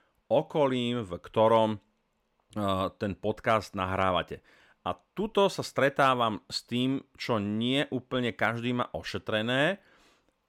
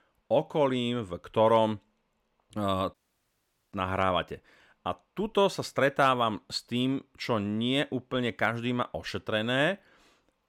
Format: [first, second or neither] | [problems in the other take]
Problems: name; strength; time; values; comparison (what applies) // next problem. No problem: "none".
first | audio cutting out; at 3 s for 1 s